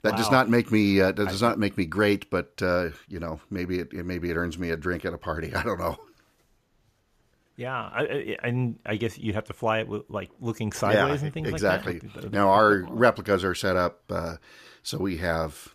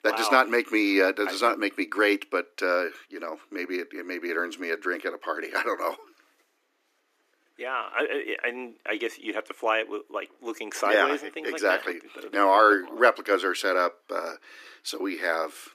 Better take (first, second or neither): first